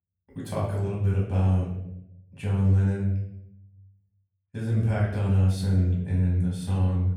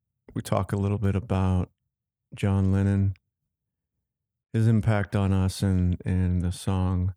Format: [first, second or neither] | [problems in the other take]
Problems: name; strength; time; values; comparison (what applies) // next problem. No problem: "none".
second | room echo; noticeable; dies away in 0.7 s // off-mic speech; far